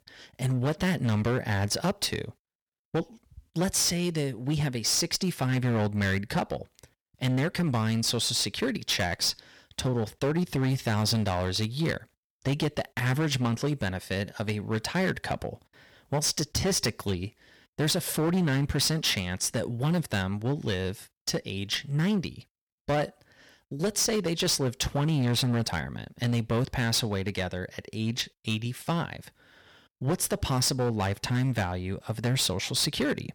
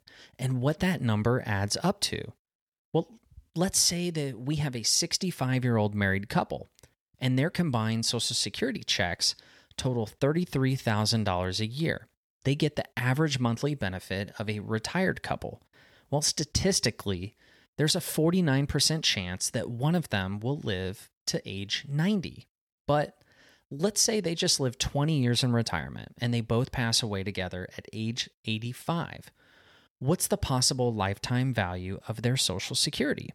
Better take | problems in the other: second | distortion; slight; 11% of the sound clipped

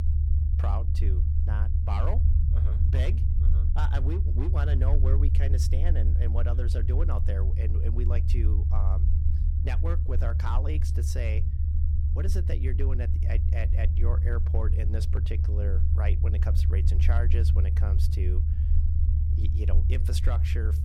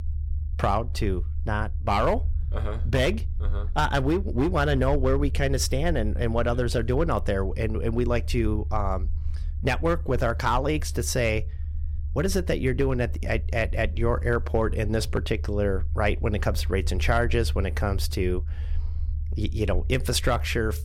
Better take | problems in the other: second | low rumble; loud; throughout; 3 dB below the speech; faint in the second

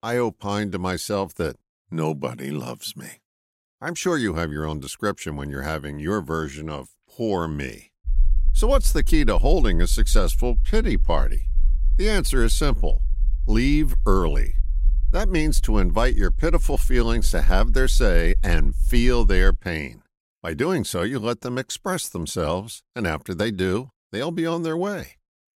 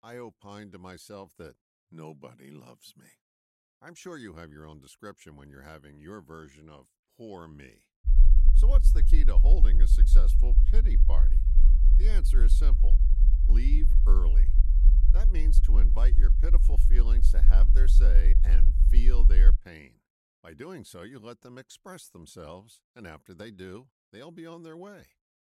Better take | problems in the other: first | low rumble; loud; from 8 to 20 s; 4 dB below the speech; faint in the first

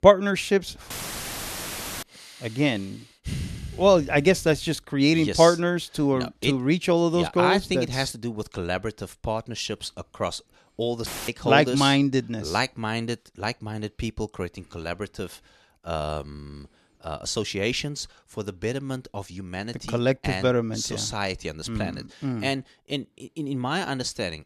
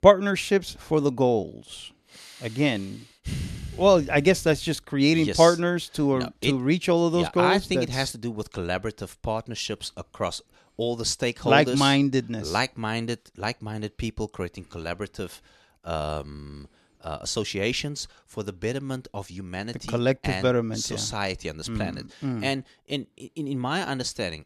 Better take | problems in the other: second | audio cutting out; filled with static; at 1 s for 1 s and at 11 s

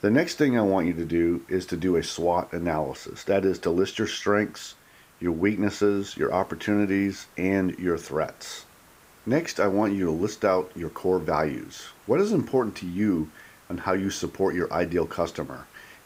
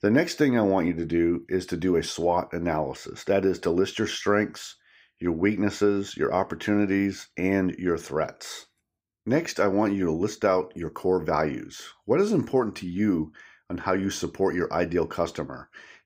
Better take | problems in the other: second | hiss; faint; throughout; 25 dB below the speech

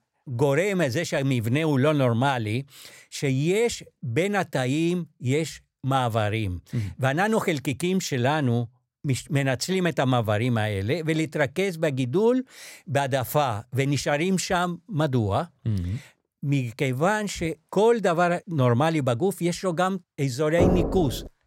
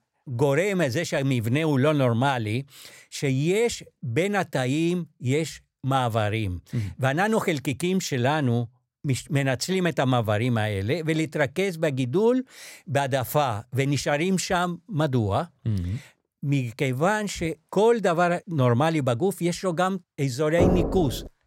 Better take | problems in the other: neither | door banging; loud; at 21 s; peak 1 dB above the speech; the same in both

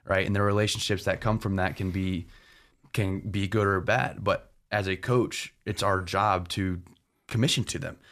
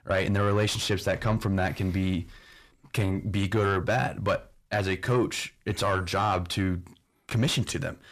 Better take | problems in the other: first | distortion; slight; 10 dB below the speech

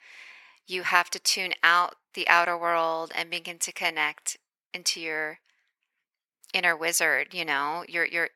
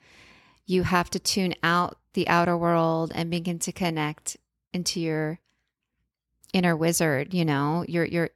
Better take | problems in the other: second | thin; very; fading below 700 Hz

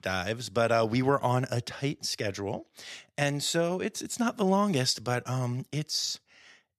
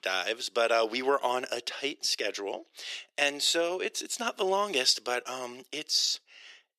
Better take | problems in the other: first | thin; somewhat; fading below 350 Hz

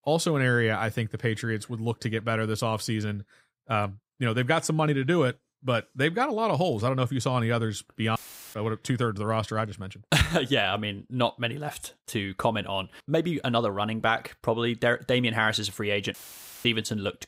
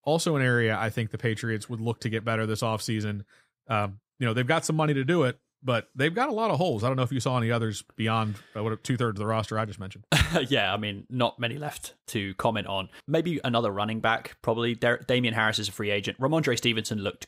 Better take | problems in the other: second | audio cutting out; filled with static; at 8 s and at 16 s for 0.5 s

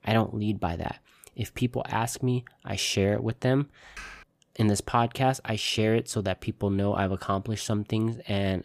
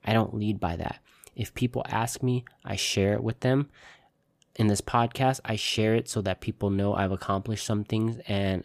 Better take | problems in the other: second | keyboard typing; faint; at 4 s; peak 15 dB below the speech

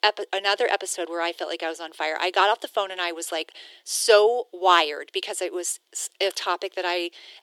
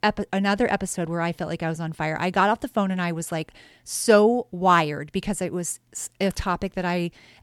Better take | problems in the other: second | thin; very; fading below 350 Hz

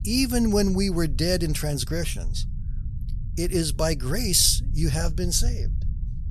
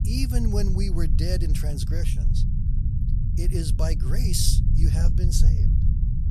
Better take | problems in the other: first | low rumble; loud; throughout; 6 dB below the speech; faint in the first

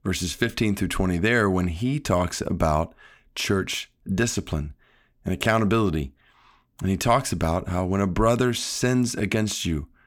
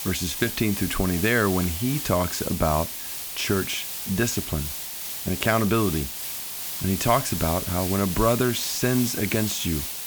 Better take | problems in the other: first | hiss; loud; throughout; 4 dB below the speech

